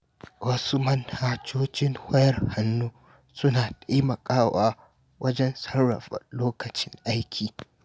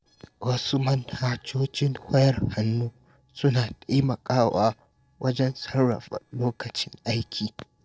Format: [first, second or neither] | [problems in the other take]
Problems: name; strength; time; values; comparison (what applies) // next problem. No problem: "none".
first | noise reduction (neural separator model SepFormer DNS4)